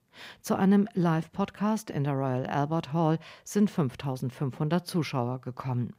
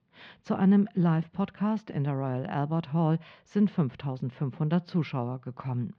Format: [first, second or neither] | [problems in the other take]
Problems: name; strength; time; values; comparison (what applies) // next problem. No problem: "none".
first | muffled; slightly; fading above 4 kHz